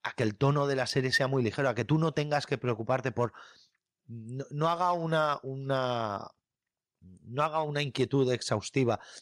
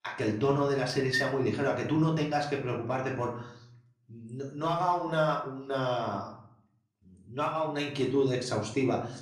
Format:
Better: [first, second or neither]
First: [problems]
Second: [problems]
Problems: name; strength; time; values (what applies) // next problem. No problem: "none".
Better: first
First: none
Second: room echo; slight; dies away in 0.5 s // off-mic speech; far